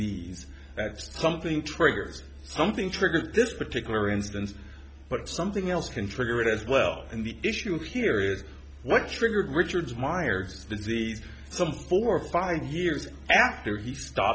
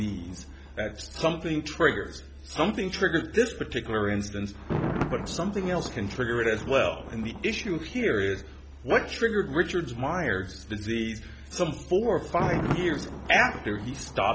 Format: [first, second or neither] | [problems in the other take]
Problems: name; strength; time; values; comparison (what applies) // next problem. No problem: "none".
first | background sound (Thunder); 10 dB below the speech